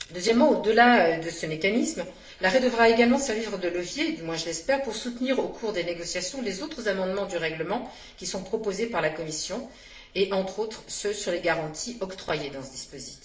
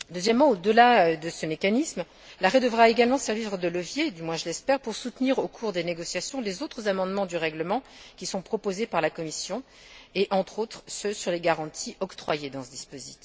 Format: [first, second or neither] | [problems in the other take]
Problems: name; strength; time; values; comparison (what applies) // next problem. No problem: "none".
second | room echo; dies away in 0.5 s